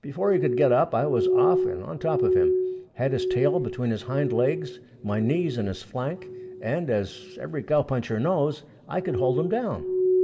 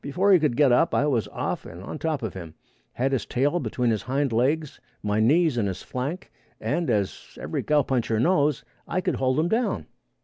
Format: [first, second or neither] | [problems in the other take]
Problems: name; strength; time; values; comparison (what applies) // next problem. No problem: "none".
second | background sound (Glass); 2 dB below the speech // room echo; dies away in 2.5 s